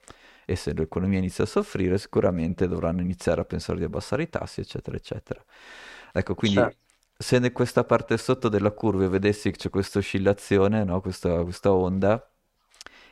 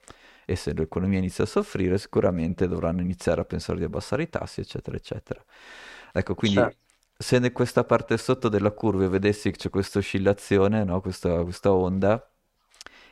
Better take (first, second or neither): neither